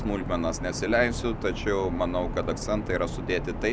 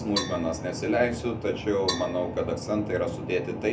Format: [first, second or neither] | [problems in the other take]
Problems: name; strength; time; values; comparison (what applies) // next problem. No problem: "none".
first | background sound (Percussion); 11 dB below the speech // room echo; dies away in 0.3 s